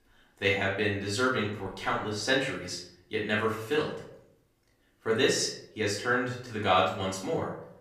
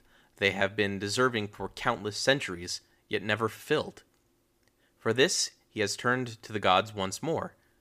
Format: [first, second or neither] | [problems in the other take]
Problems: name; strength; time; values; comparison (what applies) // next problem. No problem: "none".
second | off-mic speech; far // room echo; noticeable; dies away in 0.6 s